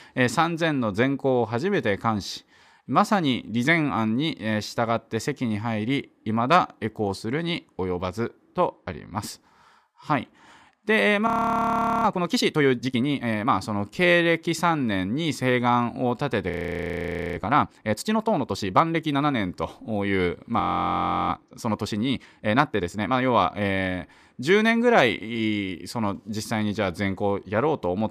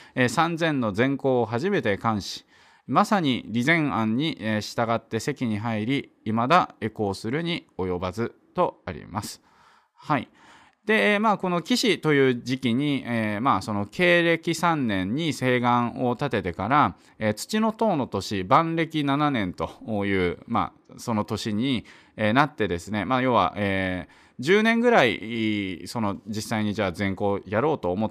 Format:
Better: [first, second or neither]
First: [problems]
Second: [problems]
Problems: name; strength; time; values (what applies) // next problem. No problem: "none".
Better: second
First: audio freezing; at 11 s for 1 s, at 17 s for 1 s and at 21 s for 0.5 s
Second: none